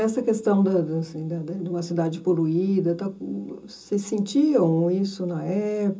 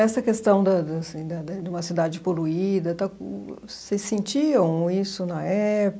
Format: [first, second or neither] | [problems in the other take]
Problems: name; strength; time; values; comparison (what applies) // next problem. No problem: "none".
second | room echo; dies away in 0.2 s